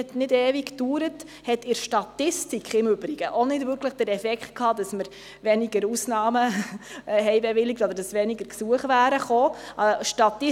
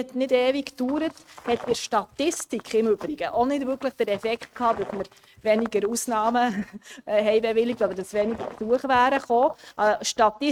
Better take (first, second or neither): first